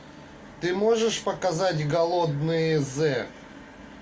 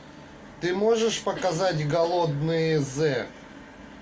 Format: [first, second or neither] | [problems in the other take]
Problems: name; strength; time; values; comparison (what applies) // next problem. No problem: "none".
first | background sound (Cough); 17 dB below the speech